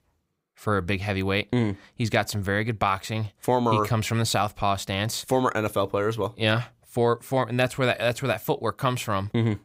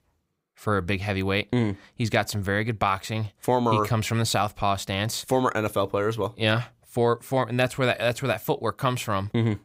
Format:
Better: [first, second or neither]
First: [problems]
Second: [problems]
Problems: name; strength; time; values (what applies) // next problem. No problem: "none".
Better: neither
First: none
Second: none